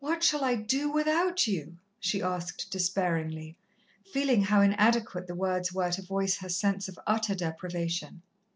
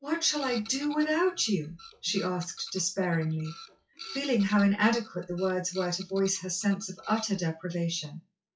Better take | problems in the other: first | noise reduction (classical method WPE with log-MMSE)

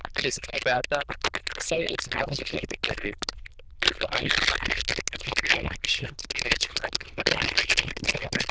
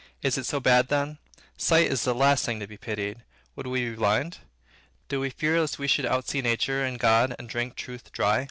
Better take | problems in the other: second | noise reduction (neural diffusion model UNIVERSE++)

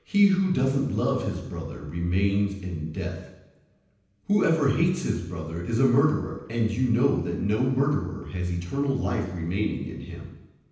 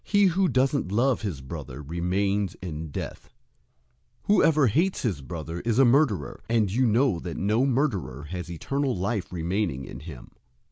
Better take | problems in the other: second | room echo; dies away in 0.9 s

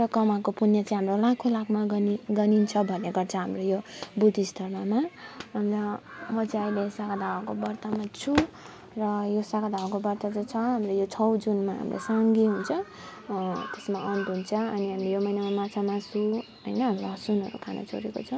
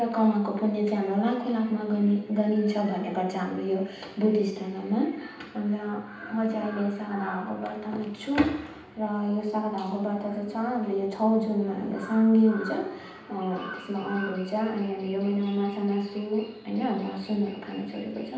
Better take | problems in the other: first | room echo; dies away in 0.9 s

